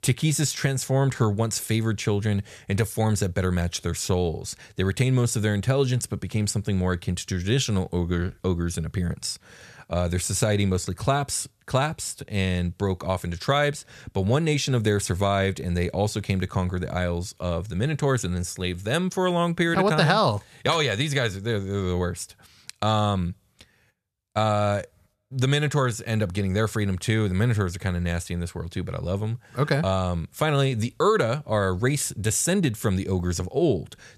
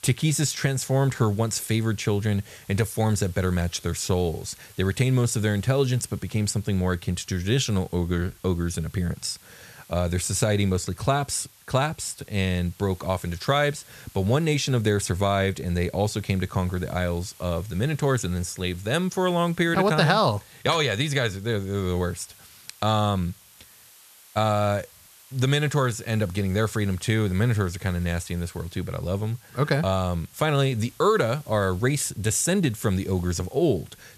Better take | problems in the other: first | hiss; faint; throughout; 25 dB below the speech

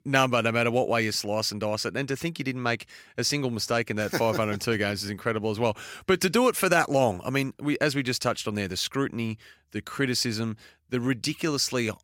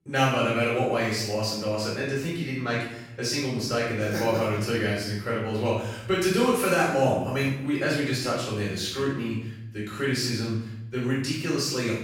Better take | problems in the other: first | room echo; noticeable; dies away in 0.8 s // off-mic speech; far

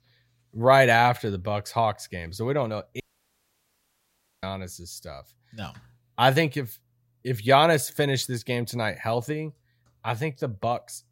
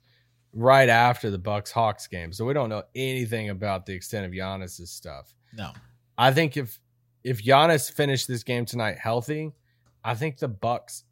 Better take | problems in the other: second | audio cutting out; at 3 s for 1.5 s

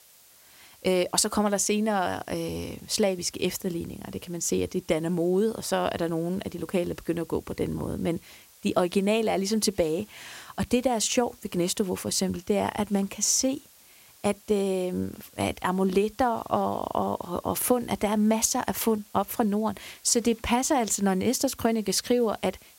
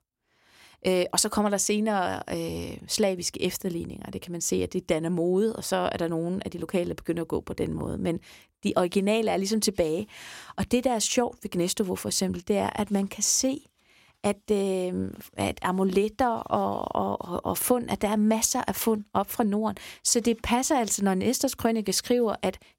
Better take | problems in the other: second | hiss; faint; throughout; 25 dB below the speech

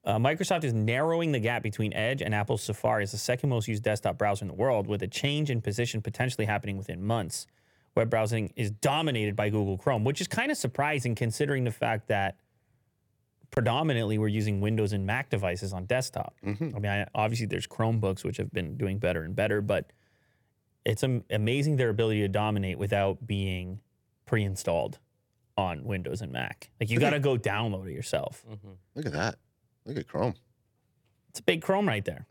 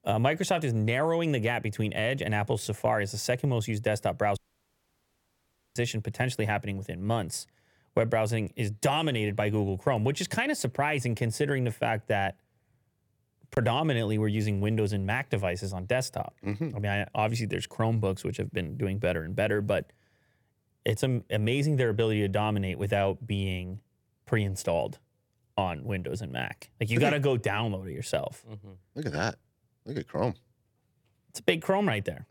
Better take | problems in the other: first | audio cutting out; at 4.5 s for 1.5 s

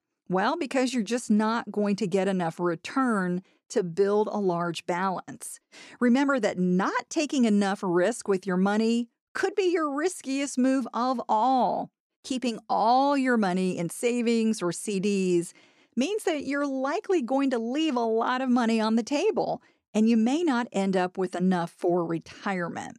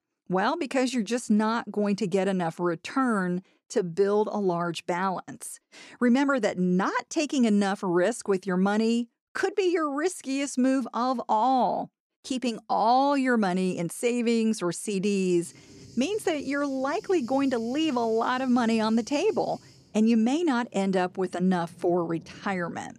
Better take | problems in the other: first | rain or running water; faint; from 15 s on; 25 dB below the speech

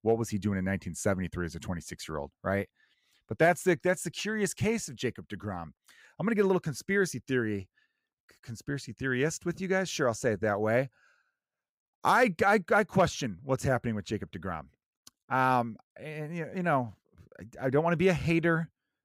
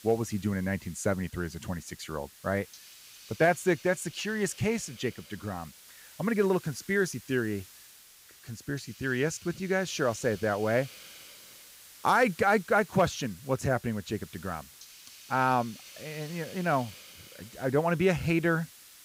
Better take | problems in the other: first | hiss; noticeable; throughout; 20 dB below the speech

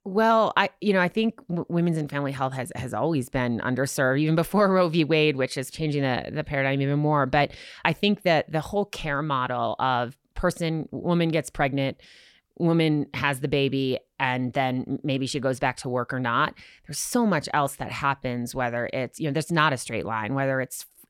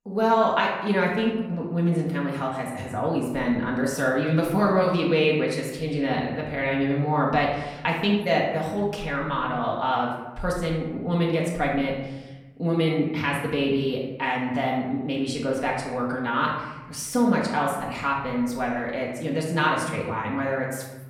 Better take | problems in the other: first | off-mic speech; far // room echo; noticeable; dies away in 1 s

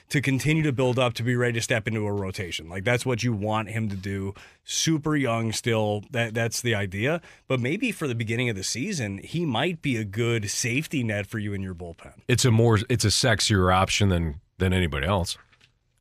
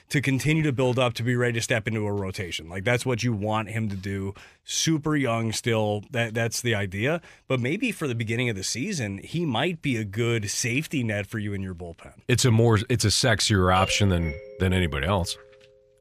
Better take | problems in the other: first | doorbell; noticeable; from 14 to 15 s; peak 8 dB below the speech

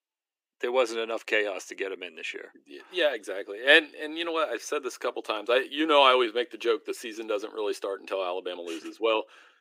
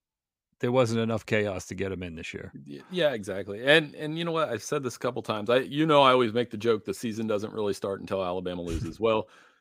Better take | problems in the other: second | thin; somewhat; fading below 300 Hz

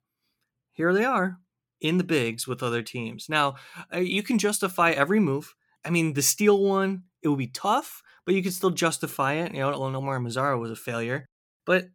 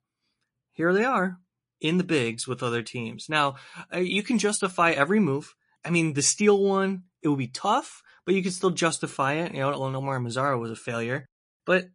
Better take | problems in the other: first | garbled, watery; slightly; nothing above 10.5 kHz

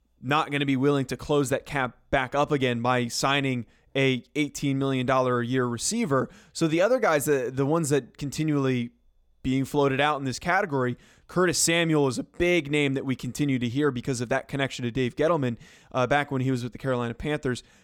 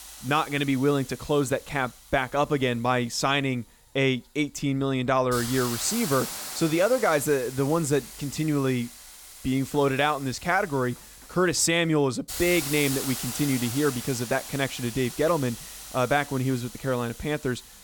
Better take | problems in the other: first | hiss; loud; throughout; 10 dB below the speech

